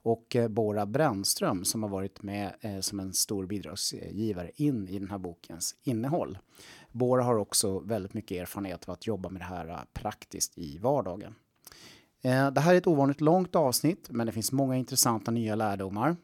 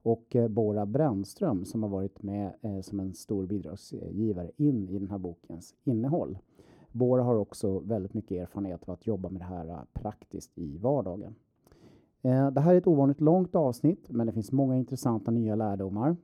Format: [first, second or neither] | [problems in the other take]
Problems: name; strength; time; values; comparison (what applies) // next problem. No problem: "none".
first | muffled; very; fading above 1 kHz